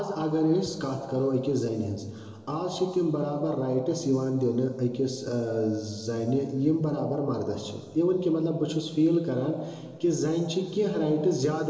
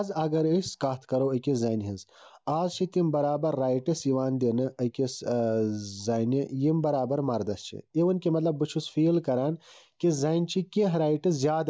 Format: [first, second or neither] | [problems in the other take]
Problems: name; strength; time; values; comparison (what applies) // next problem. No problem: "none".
second | room echo; dies away in 2.5 s